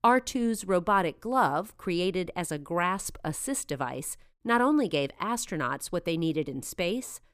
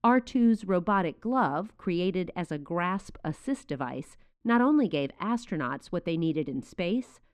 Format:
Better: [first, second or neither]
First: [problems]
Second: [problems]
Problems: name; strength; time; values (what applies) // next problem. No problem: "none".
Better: first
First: none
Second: muffled; slightly; fading above 3.5 kHz